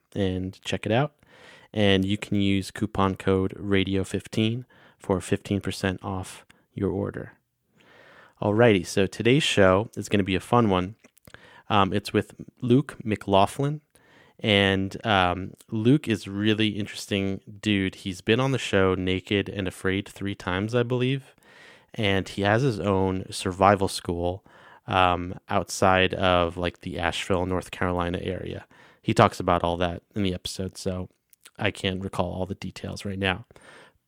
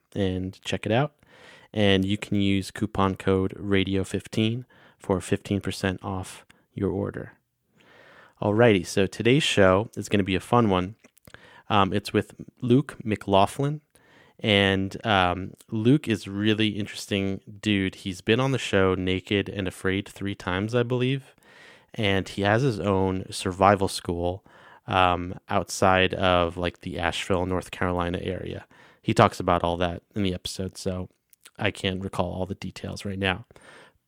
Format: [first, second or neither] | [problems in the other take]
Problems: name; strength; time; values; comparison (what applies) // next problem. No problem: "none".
neither | none